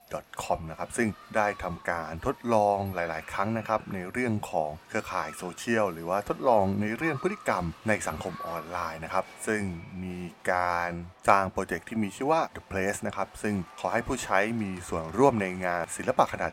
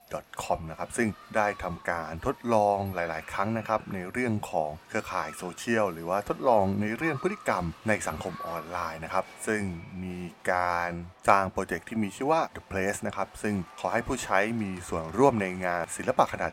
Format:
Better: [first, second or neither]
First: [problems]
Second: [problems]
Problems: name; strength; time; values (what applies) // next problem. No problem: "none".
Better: neither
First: crowd noise; noticeable; throughout; 20 dB below the speech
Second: crowd noise; noticeable; throughout; 20 dB below the speech